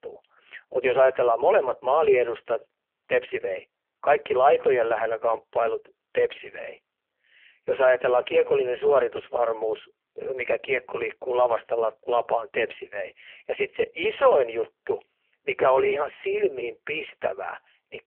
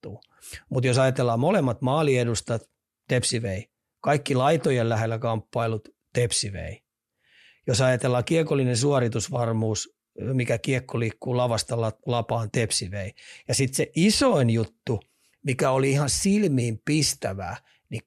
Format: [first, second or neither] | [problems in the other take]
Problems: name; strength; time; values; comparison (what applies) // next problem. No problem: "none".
second | phone-call audio; poor line